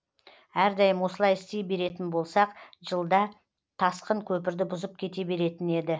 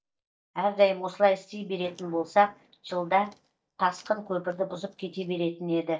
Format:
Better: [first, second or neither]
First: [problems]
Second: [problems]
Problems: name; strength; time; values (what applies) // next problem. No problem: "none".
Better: first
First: none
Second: noise reduction (neural mask model DeepFilterNet 3)